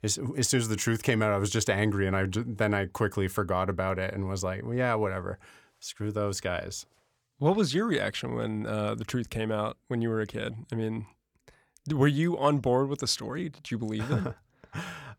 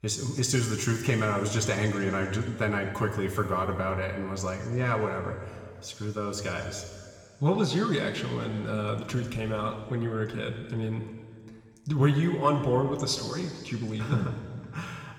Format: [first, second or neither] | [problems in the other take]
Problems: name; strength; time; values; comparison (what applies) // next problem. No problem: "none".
first | room echo; noticeable; dies away in 2.2 s // off-mic speech; somewhat distant